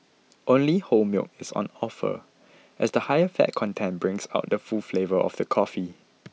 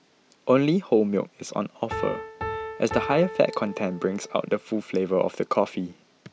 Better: first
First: none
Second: background sound (Piano); 13 dB below the speech

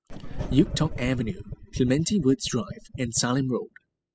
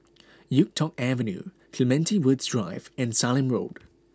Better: second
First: noise reduction (classical method spectral subtraction)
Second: none

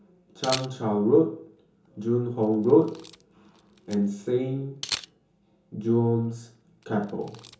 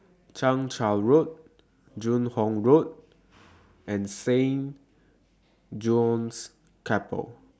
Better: second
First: background sound (Camera); 16 dB below the speech // room echo; dies away in 0.6 s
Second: none

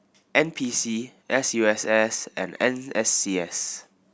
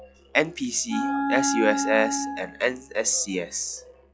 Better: first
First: none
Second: noise reduction (classical method log-MMSE)

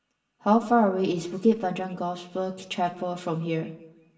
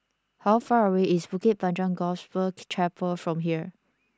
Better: second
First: room echo; dies away in 0.8 s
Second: none

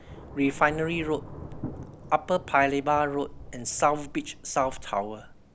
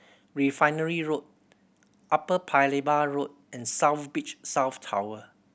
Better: second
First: background sound (Thunder / Rain); 13 dB below the speech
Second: none

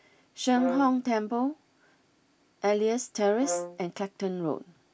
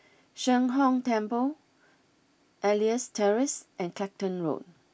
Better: second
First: background sound (Brass instrument); 9 dB below the speech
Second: none

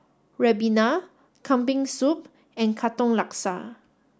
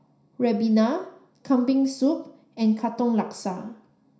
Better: first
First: none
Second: room echo; dies away in 0.5 s

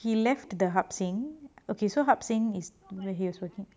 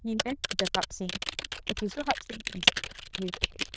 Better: first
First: none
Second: noise reduction (neural diffusion model UNIVERSE++)

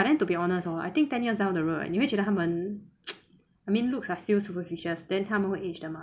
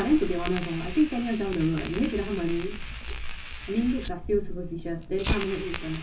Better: first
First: none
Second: background sound (Fire); 5 dB below the speech // room echo; dies away in 0.4 s

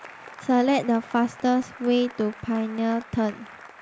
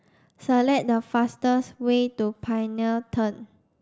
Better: second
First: background sound (Applause / Cheering); 19 dB below the speech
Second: none

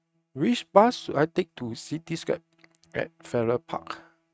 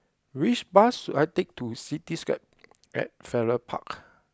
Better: second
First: noise reduction (neural mask model RNNoise)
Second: none

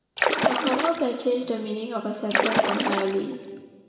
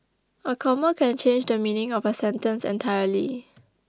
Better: second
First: background sound (Splash, splatter); 2 dB above the speech // room echo; dies away in 1.9 s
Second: none

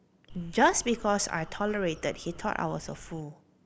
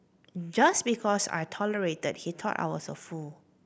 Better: second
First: background sound (Crow); 17 dB below the speech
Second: none

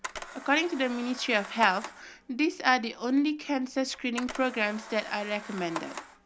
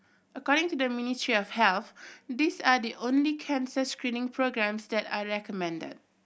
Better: second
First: background sound (Camera); 14 dB below the speech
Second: none

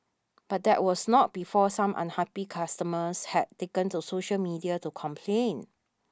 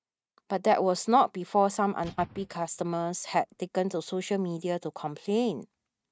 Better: first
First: none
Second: noise reduction (neural mask model RNNoise)

